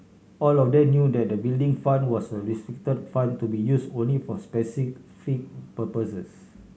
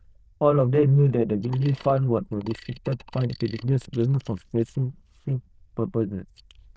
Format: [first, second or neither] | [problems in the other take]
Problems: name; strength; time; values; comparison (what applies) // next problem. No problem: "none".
first | noise reduction (neural diffusion model UNIVERSE++)